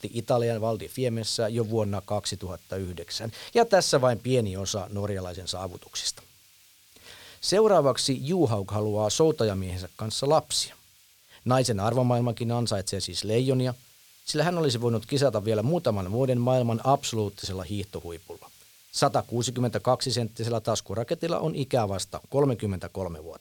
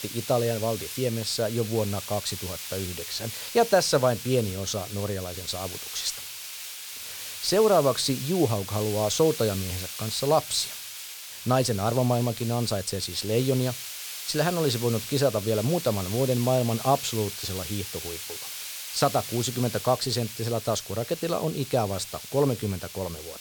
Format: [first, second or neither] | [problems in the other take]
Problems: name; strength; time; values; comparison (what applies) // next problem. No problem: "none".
first | hiss; loud; throughout; 8 dB below the speech; faint in the first